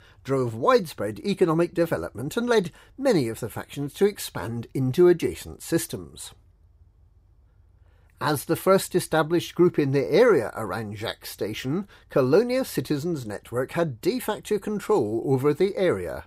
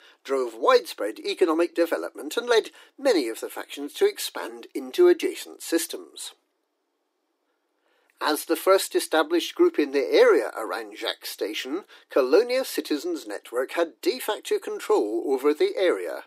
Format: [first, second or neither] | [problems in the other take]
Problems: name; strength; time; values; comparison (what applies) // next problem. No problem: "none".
first | thin; somewhat; fading below 300 Hz